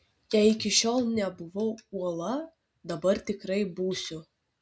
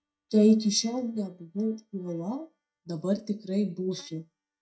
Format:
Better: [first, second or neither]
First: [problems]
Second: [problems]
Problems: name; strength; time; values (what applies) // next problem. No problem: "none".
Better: first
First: none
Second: noise reduction (neural mask model DeepFilterNet 3)